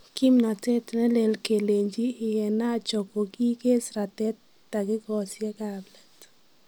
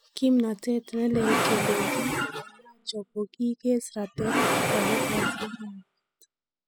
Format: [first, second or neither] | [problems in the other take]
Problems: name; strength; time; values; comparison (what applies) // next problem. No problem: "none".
first | noise reduction (classical method spectral subtraction)